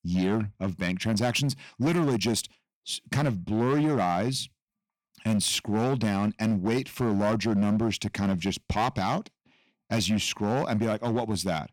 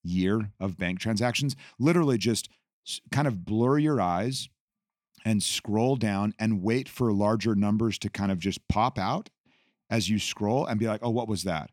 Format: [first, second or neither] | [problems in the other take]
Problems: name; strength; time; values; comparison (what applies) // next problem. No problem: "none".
second | distortion; slight; 9% of the sound clipped